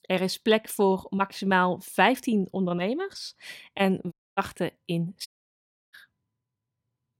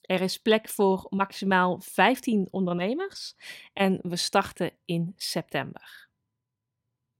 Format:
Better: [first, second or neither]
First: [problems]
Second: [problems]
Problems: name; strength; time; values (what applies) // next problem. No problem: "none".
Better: second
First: audio cutting out; at 4 s and at 5.5 s for 0.5 s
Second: none